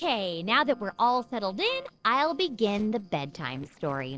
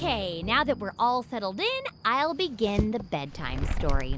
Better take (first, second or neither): second